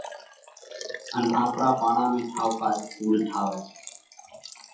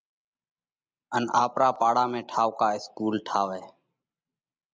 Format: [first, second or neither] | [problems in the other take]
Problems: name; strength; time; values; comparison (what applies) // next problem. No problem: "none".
second | noise reduction (classical method WPE with log-MMSE)